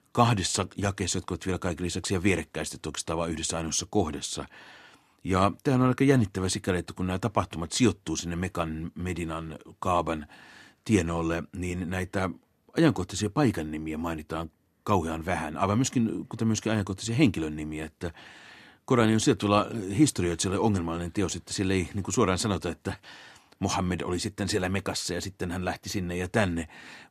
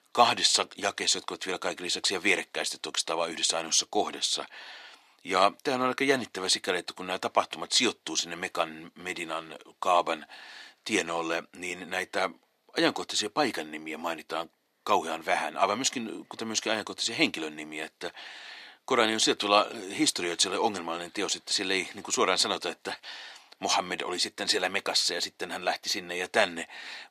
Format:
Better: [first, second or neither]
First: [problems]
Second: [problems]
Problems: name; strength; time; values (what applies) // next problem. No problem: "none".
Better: first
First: none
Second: thin; somewhat; fading below 450 Hz